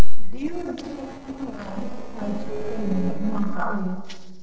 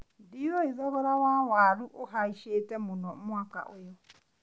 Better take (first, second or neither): second